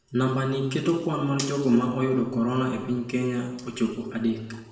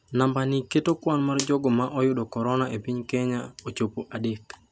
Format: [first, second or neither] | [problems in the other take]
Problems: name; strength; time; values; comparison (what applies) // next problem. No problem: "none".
second | room echo; dies away in 1 s